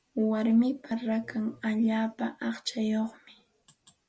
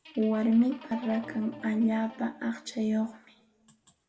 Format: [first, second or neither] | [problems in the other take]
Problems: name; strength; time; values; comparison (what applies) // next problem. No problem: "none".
first | background sound (Guitar); 18 dB below the speech // room echo; dies away in 0.6 s